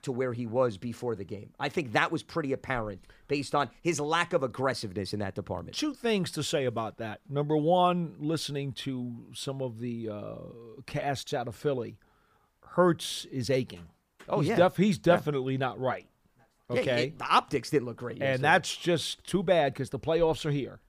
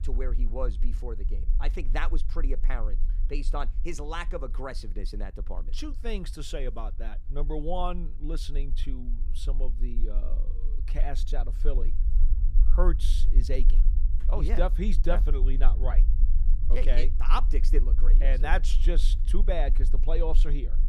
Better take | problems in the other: first | low rumble; noticeable; throughout; 15 dB below the speech

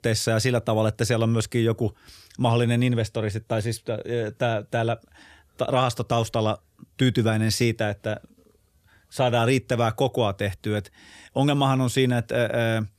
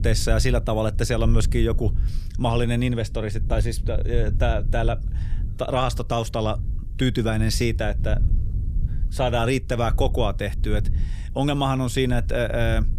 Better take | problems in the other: first | low rumble; noticeable; throughout; 20 dB below the speech

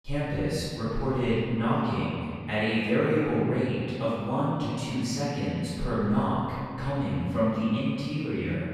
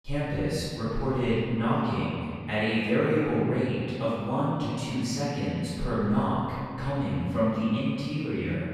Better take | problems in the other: neither | room echo; strong; dies away in 2.1 s; the same in both // off-mic speech; far; the same in both

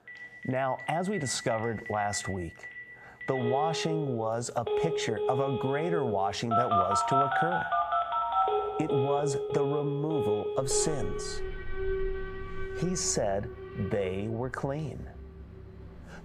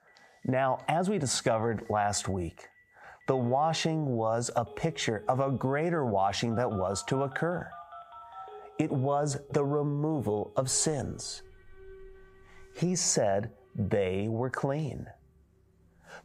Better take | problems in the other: second | alarms or sirens; loud; throughout; as loud as the speech; faint in the second

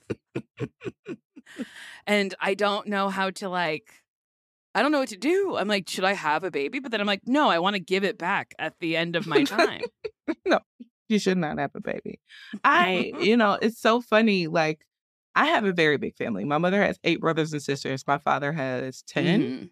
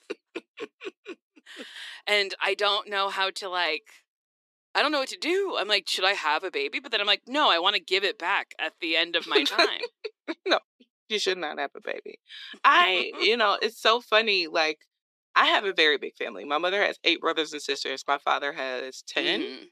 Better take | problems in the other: first | thin; somewhat; fading below 350 Hz

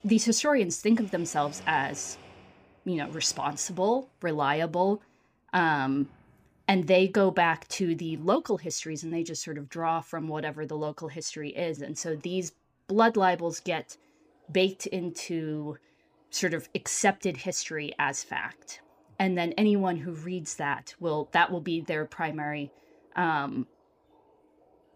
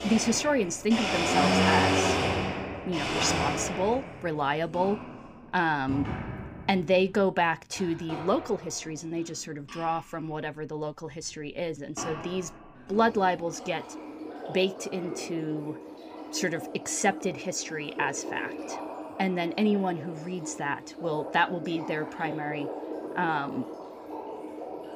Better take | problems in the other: first | household noises; loud; throughout; 3 dB below the speech; faint in the first

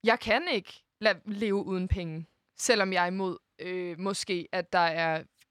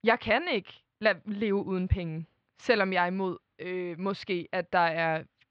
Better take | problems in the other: first | muffled; slightly; fading above 3.5 kHz

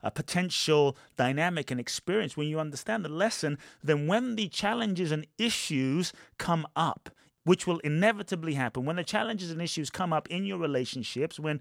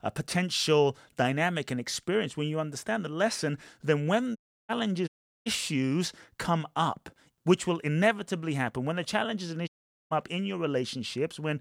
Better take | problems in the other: first | audio cutting out; at 4.5 s, at 5 s and at 9.5 s

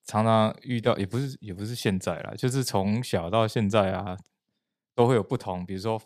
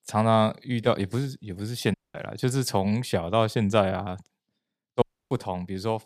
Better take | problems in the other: first | audio cutting out; at 2 s and at 5 s

